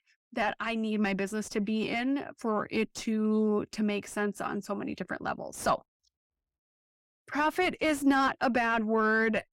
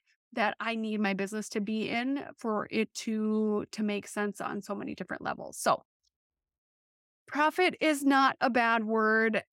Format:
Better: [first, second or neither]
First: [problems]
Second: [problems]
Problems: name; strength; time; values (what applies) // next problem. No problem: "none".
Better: second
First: distortion; slight; 10 dB below the speech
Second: none